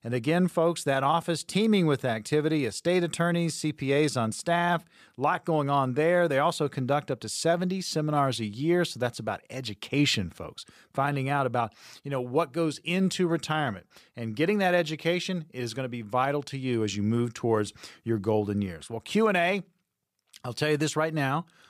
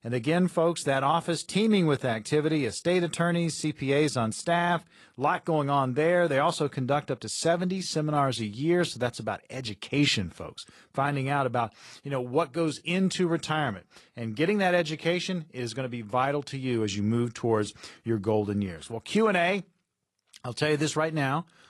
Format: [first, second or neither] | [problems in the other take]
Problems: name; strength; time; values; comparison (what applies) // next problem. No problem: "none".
first | garbled, watery; slightly